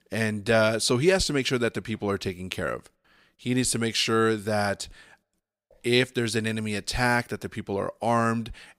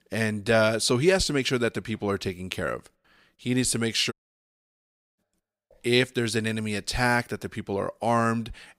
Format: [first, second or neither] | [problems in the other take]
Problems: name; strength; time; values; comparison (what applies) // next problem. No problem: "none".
first | audio cutting out; at 4 s for 1 s